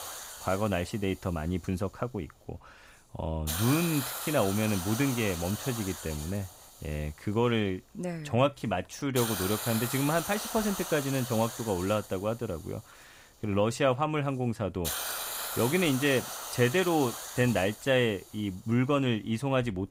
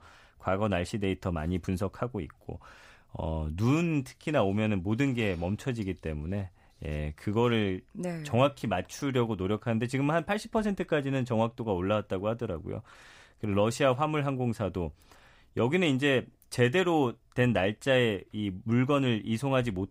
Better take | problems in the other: second | hiss; loud; throughout; 6 dB below the speech

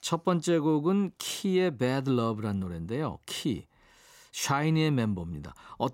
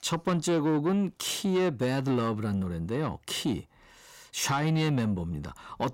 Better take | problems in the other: first | distortion; slight; 10 dB below the speech

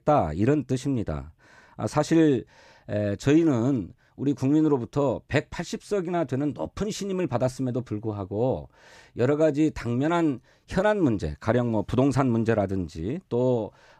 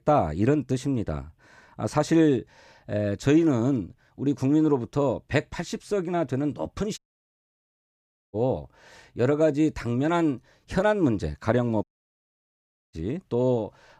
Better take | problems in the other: first | audio cutting out; at 7 s for 1.5 s and at 12 s for 1 s

